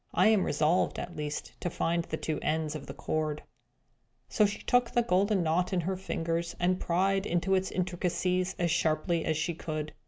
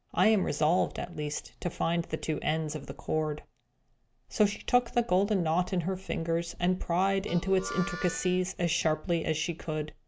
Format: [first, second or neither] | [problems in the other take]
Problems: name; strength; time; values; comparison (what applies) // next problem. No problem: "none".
first | background sound (Harmonica); 13 dB below the speech